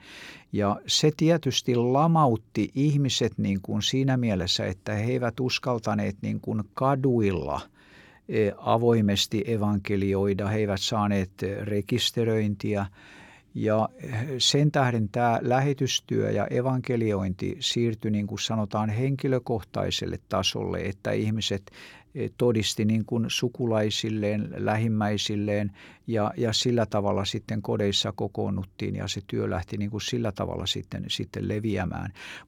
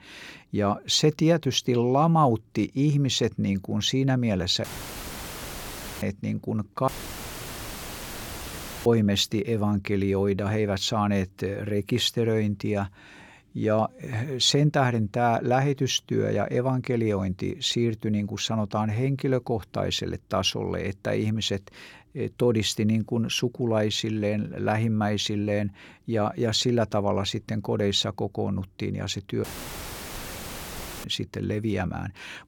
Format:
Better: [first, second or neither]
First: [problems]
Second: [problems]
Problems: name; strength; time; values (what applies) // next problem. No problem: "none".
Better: first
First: none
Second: audio cutting out; filled with static; at 4.5 s for 1.5 s, at 7 s for 2 s and at 29 s for 1.5 s